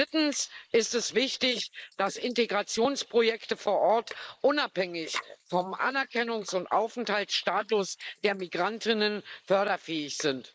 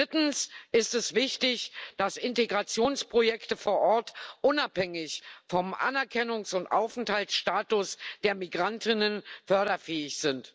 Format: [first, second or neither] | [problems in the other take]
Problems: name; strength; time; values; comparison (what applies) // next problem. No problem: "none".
second | noise reduction (neural mask model Resemble Enhance denoiser)